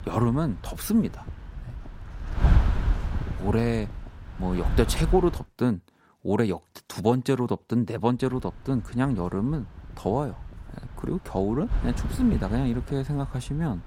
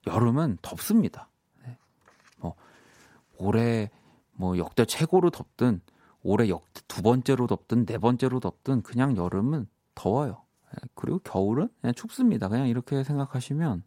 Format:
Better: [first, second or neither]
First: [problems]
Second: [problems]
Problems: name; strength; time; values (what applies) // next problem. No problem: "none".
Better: second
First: wind noise on the microphone; occasional gusts; until 5.5 s and from 8 s on; 10 dB below the speech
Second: none